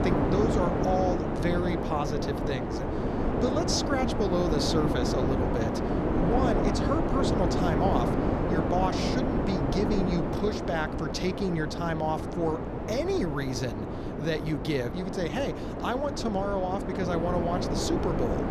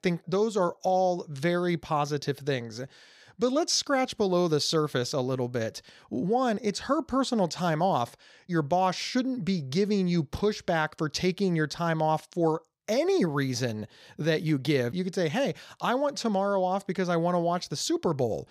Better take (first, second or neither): second